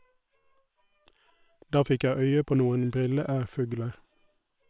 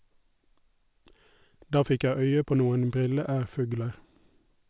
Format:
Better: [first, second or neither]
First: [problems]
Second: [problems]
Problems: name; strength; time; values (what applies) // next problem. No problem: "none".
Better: second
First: noise reduction (neural separator model SepFormer WHAM!)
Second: none